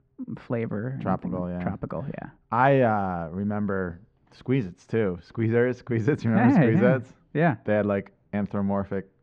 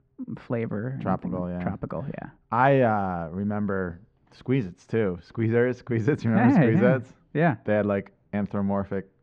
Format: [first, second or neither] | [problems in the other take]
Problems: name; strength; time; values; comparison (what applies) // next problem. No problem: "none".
neither | muffled; very; fading above 2 kHz; the same in both